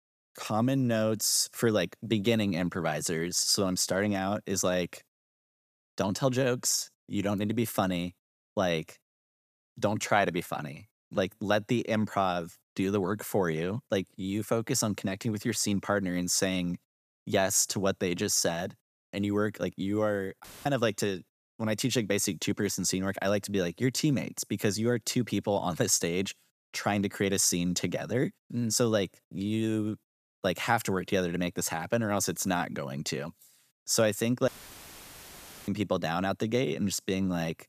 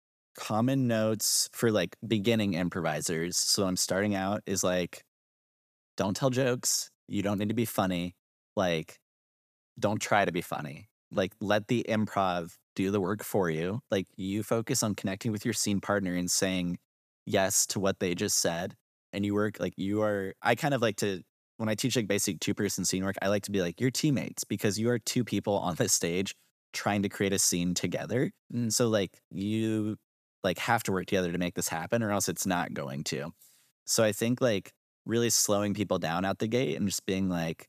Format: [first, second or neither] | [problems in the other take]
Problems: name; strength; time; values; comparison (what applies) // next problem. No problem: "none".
second | audio cutting out; filled with static; at 20 s and at 34 s for 1 s